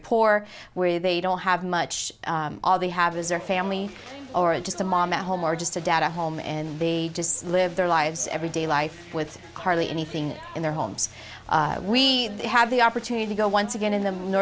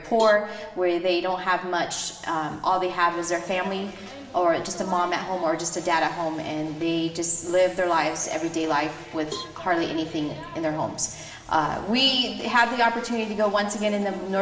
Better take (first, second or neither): first